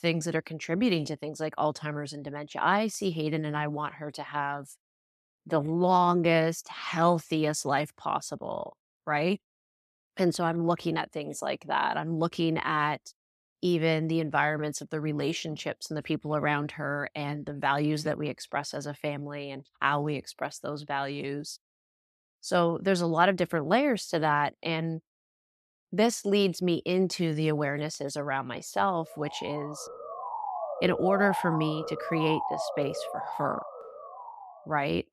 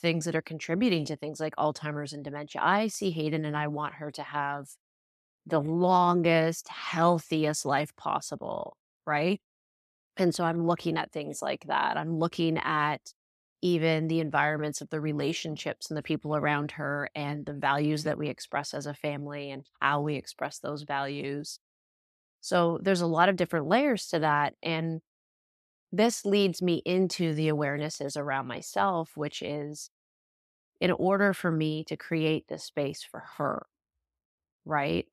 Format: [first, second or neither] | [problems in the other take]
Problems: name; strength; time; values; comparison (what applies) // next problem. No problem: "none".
second | siren; noticeable; from 29 to 35 s; peak 3 dB below the speech